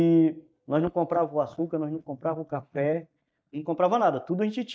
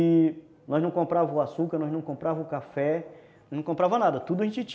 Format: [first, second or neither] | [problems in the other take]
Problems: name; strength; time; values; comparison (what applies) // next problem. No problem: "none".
second | noise reduction (neural mask model DeepFilterNet 3)